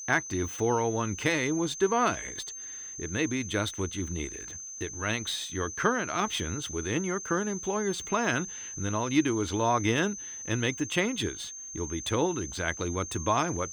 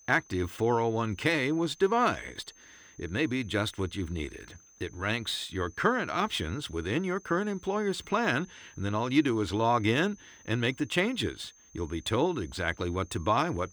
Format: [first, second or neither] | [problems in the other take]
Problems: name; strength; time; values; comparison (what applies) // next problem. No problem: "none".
second | high-pitched whine; loud; throughout; 6.5 kHz, 8 dB below the speech; faint in the second